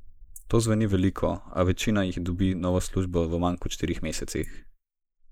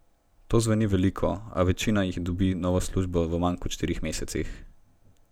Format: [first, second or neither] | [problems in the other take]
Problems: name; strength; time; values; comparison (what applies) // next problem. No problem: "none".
second | noise reduction (neural mask model Resemble Enhance denoiser)